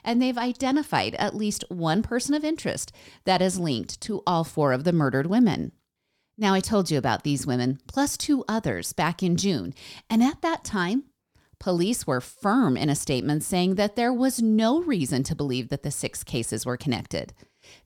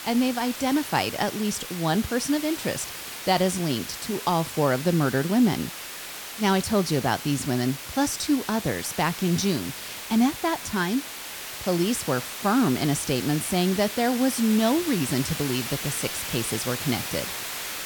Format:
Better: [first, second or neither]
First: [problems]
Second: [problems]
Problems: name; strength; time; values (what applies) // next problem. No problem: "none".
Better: first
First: none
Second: hiss; loud; throughout; 8 dB below the speech